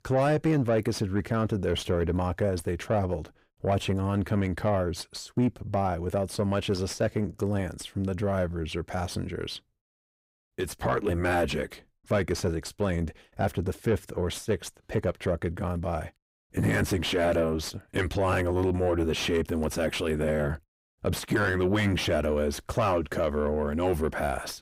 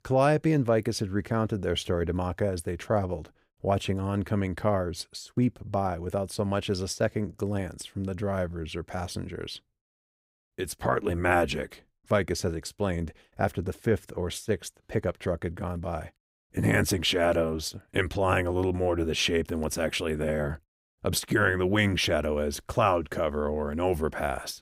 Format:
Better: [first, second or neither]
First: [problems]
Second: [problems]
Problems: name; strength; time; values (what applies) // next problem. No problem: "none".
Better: second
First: distortion; slight; 10 dB below the speech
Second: none